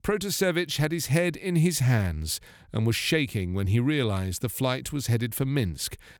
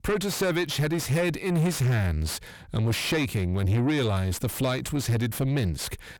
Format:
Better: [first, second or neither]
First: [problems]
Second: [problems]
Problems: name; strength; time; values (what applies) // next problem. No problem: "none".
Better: first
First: none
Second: distortion; heavy; 6 dB below the speech